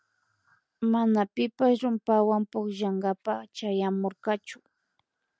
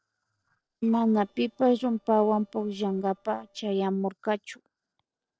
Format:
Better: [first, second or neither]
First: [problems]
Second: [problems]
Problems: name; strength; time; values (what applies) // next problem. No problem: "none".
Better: first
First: none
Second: noise reduction (neural separator model SepFormer DNS4)